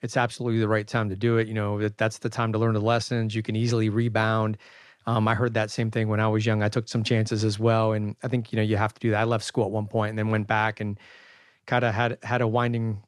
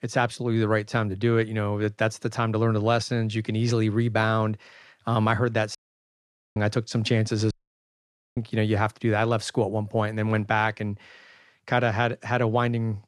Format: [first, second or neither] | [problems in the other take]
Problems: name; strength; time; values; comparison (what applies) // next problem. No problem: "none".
first | audio cutting out; at 6 s for 1 s and at 7.5 s for 1 s